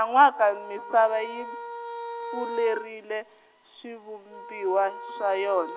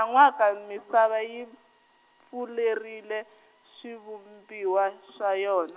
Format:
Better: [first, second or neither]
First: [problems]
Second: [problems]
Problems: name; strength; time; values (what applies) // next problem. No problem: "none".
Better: second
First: background sound (Wind instrument, woodwind instrument); 12 dB below the speech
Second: none